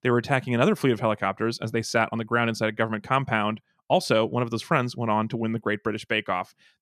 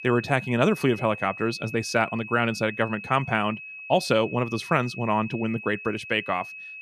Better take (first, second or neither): first